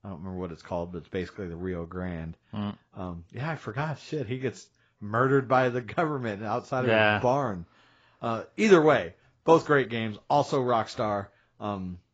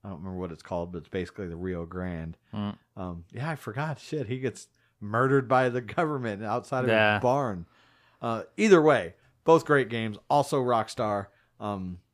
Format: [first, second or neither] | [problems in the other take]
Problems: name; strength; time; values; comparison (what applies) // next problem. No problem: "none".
second | garbled, watery; badly; nothing above 7.5 kHz